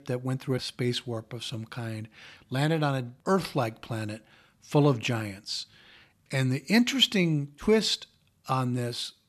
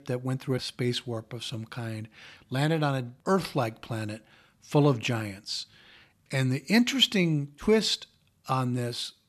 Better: neither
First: none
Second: none

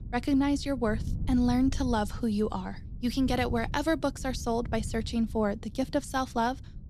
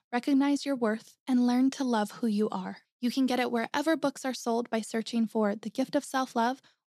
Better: second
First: wind noise on the microphone; occasional gusts; 20 dB below the speech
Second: none

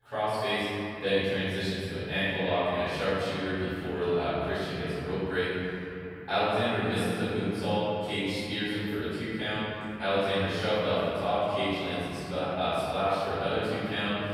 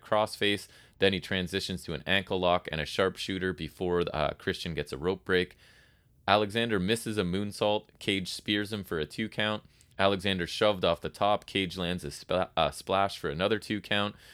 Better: second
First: off-mic speech; far // room echo; strong; dies away in 3 s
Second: none

